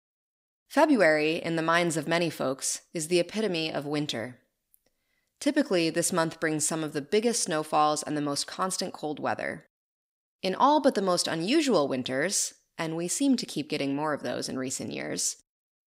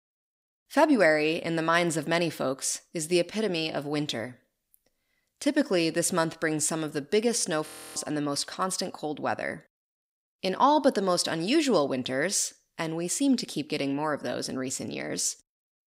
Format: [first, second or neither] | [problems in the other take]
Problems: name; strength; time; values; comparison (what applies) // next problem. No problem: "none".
first | audio freezing; at 7.5 s